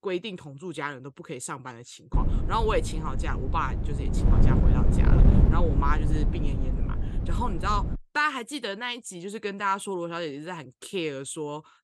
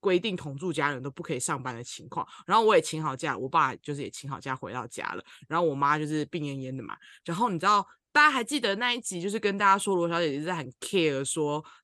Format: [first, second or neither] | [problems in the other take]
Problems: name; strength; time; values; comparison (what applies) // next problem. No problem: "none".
second | wind noise on the microphone; heavy; from 2 to 8 s; 7 dB below the speech